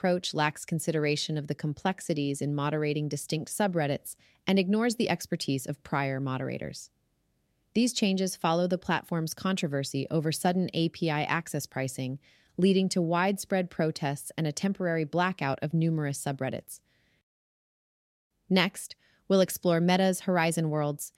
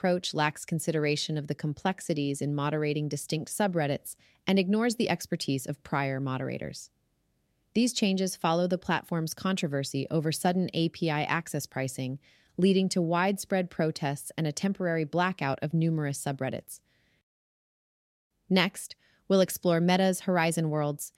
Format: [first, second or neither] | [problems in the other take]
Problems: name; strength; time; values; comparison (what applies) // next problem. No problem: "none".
neither | none